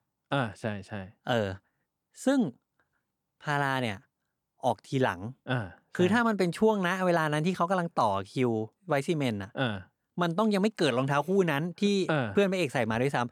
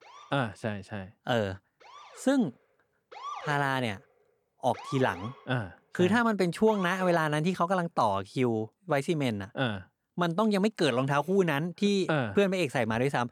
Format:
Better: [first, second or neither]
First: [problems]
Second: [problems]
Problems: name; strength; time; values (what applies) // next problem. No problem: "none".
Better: first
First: none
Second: siren; faint; until 7.5 s; peak 10 dB below the speech